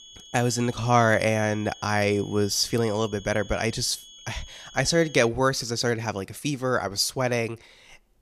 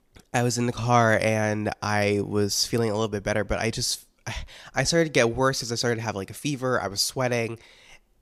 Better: second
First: high-pitched whine; noticeable; until 5.5 s; 3.5 kHz, 20 dB below the speech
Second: none

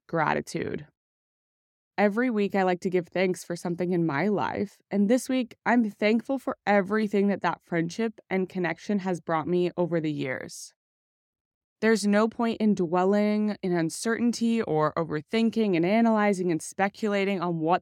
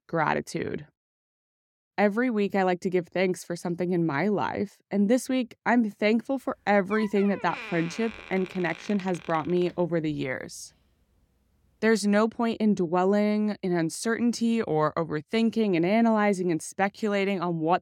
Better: first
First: none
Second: door banging; faint; from 7 to 10 s; peak 10 dB below the speech

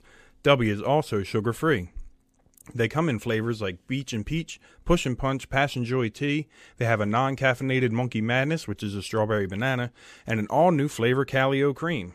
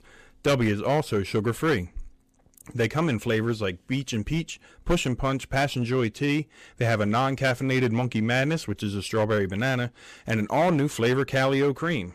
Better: first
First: none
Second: distortion; slight; 7% of the sound clipped

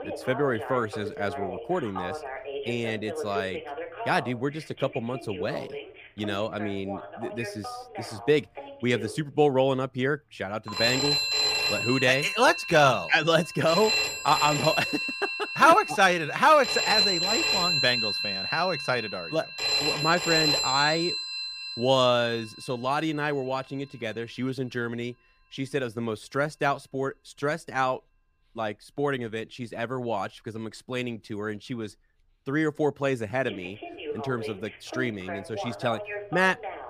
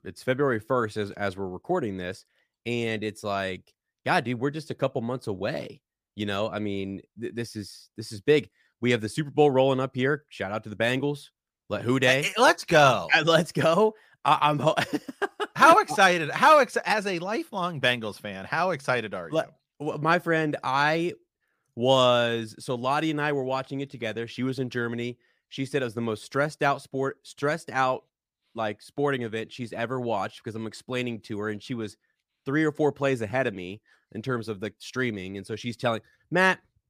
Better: second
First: alarms or sirens; loud; throughout; 2 dB below the speech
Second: none

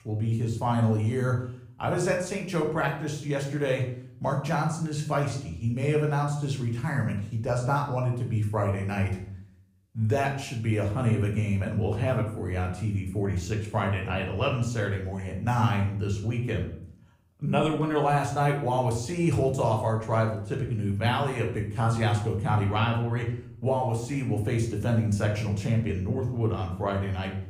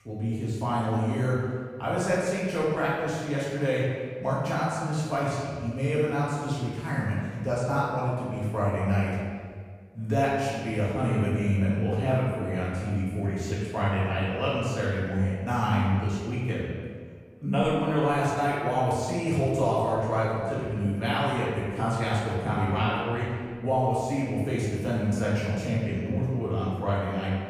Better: first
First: room echo; slight; dies away in 0.5 s // off-mic speech; somewhat distant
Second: room echo; strong; dies away in 1.5 s // off-mic speech; far

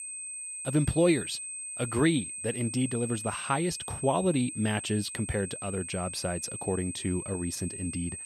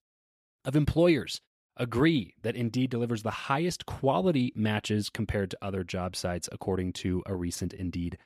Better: second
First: high-pitched whine; loud; throughout; 8.5 kHz, 6 dB below the speech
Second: none

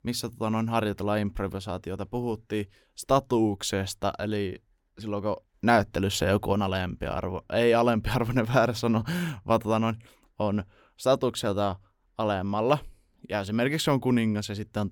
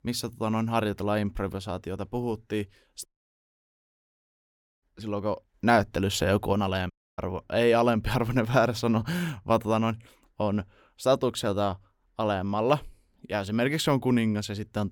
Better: first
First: none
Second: audio cutting out; at 3 s for 2 s and at 7 s

